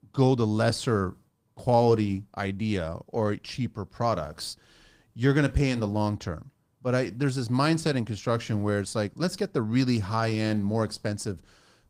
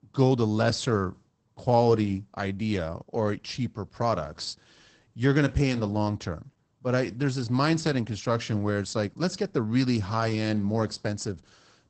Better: first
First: garbled, watery; slightly; nothing above 15.5 kHz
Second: garbled, watery; badly; nothing above 8 kHz

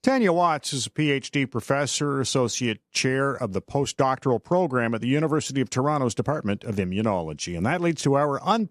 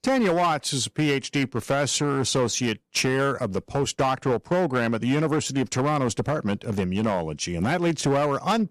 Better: first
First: none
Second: distortion; slight; 9% of the sound clipped

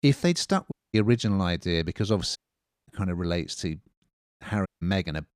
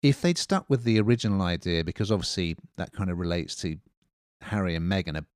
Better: second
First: audio cutting out; at 0.5 s, at 2.5 s for 0.5 s and at 4.5 s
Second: none

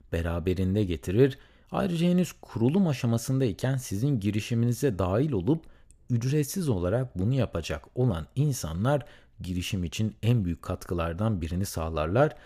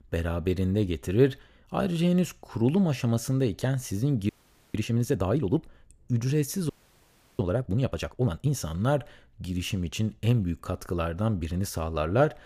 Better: first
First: none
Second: audio freezing; at 4.5 s and at 6.5 s for 0.5 s

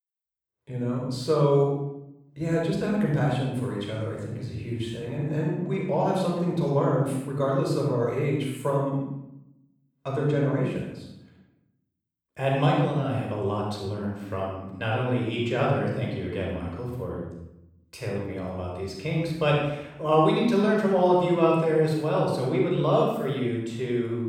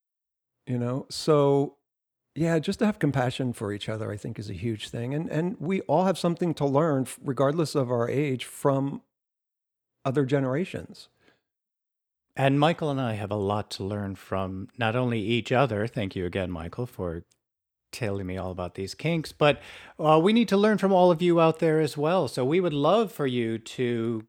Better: second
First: room echo; noticeable; dies away in 0.8 s // off-mic speech; far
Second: none

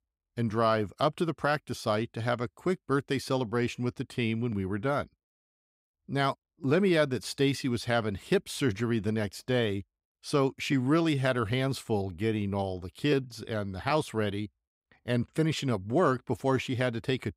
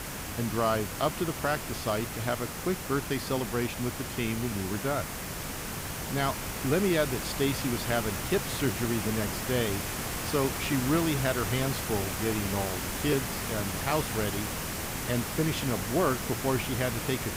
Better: first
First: none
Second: hiss; loud; throughout; 3 dB below the speech

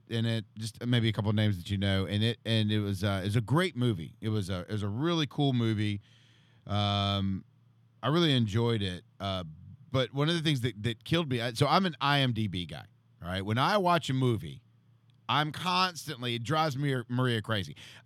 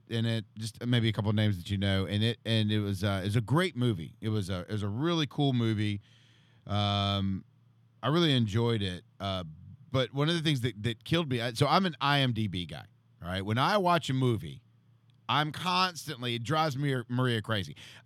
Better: neither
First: none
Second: none

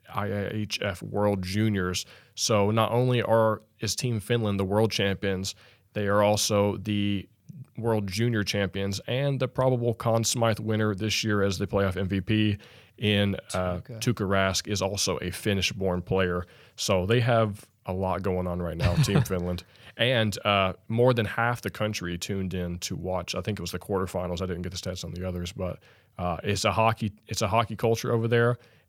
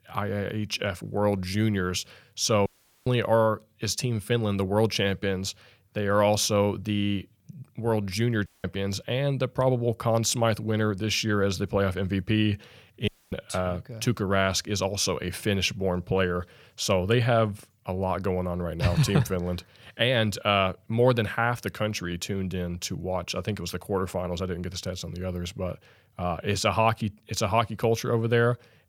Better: first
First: none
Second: audio cutting out; at 2.5 s, at 8.5 s and at 13 s

